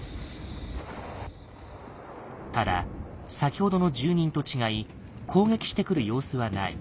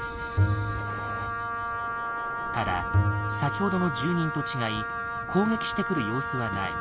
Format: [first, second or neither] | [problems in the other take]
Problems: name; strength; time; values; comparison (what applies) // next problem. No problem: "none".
first | background sound (Wind instrument, woodwind instrument + Bowed string instrument); 2 dB above the speech